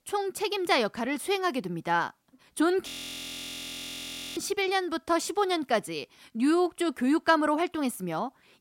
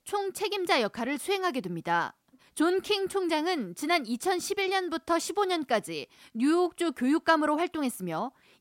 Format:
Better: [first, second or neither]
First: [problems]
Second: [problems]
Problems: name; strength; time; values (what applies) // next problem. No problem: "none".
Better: second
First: audio freezing; at 3 s for 1.5 s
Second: none